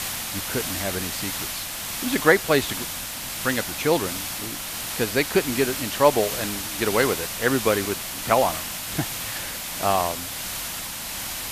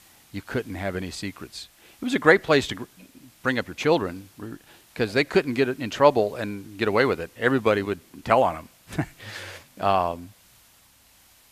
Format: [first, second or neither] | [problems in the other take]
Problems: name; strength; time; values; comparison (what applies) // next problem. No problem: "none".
second | hiss; loud; throughout; 4 dB below the speech; faint in the second